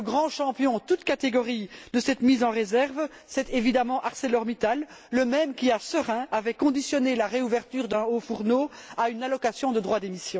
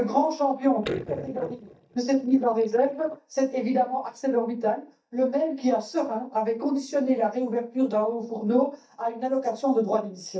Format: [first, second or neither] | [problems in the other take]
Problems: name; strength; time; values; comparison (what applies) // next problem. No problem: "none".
first | noise reduction (neural mask model DeepFilterNet 3)